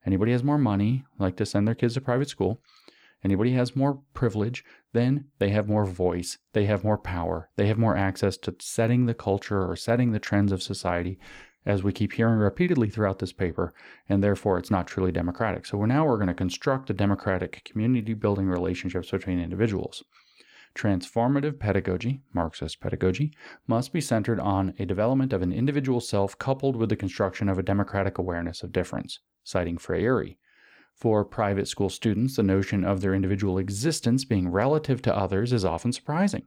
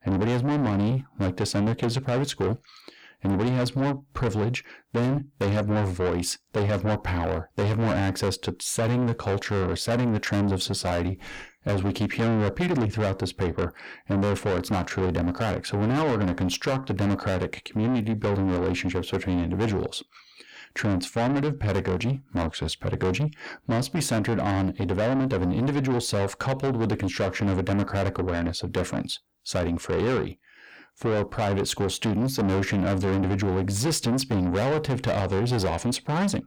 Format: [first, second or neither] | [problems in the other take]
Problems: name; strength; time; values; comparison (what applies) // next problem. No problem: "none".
first | distortion; heavy; 7 dB below the speech